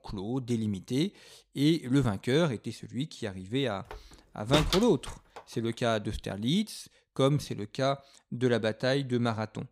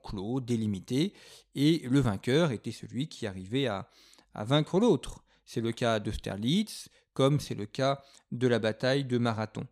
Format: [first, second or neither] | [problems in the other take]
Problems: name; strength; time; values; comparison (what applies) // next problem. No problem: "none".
second | door banging; loud; from 4 to 5.5 s; peak 1 dB above the speech